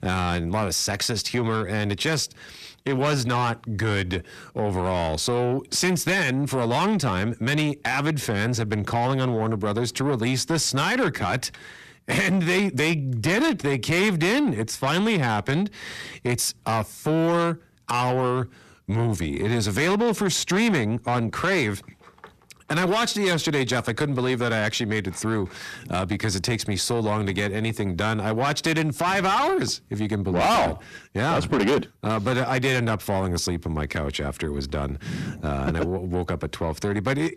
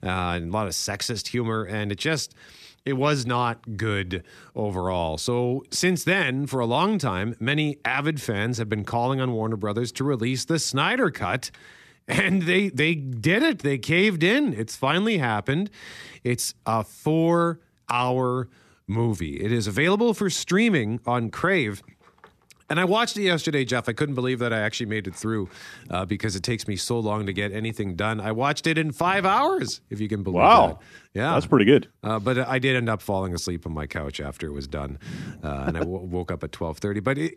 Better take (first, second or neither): second